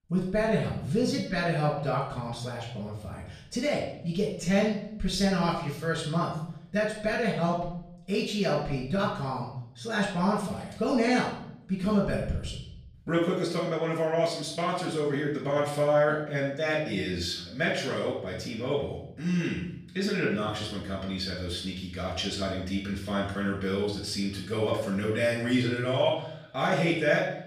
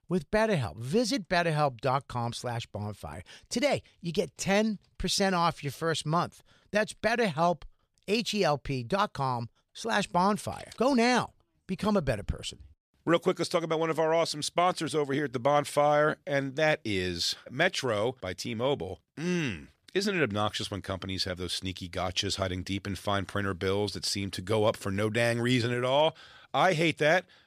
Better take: second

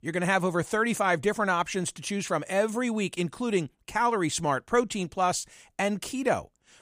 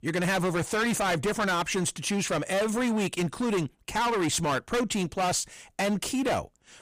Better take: first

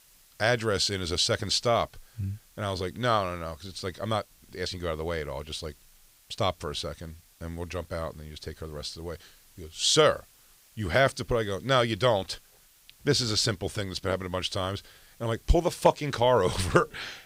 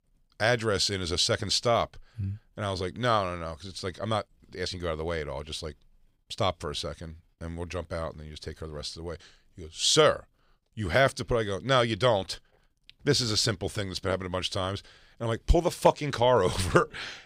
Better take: second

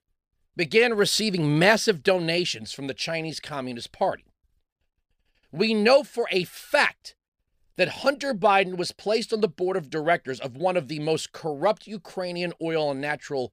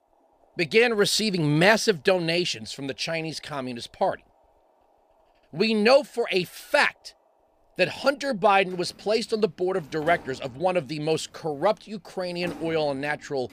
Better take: first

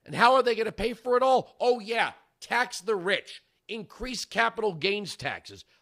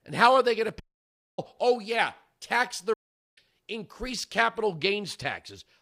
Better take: first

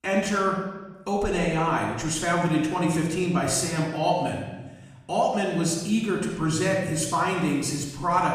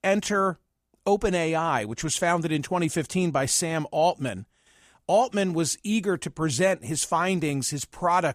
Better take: second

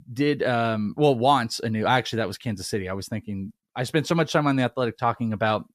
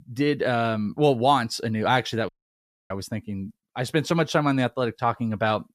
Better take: first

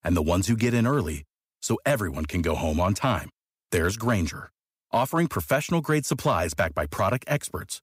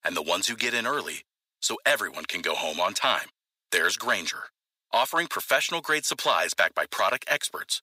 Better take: first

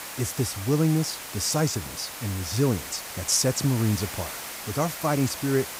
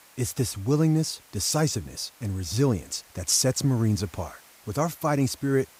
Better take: second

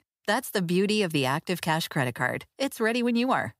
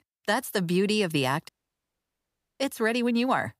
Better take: first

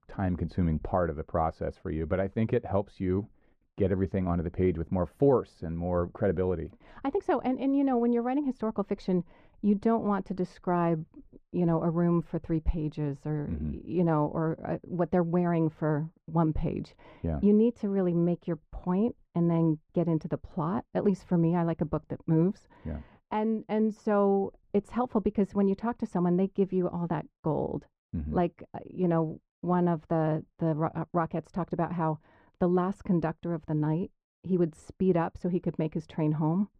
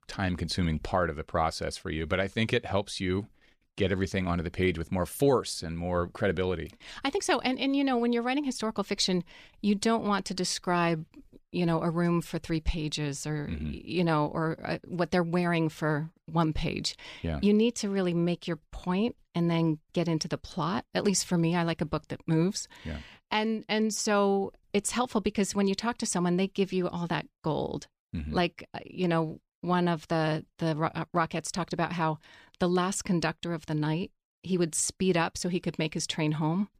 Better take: second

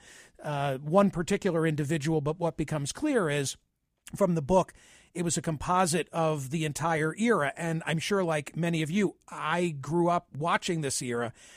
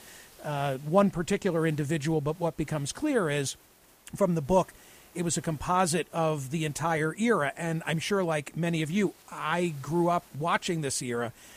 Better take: first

